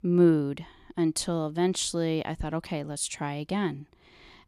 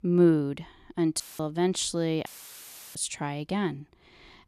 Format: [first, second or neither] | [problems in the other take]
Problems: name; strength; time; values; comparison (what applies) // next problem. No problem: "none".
first | audio cutting out; filled with static; at 1 s and at 2.5 s for 0.5 s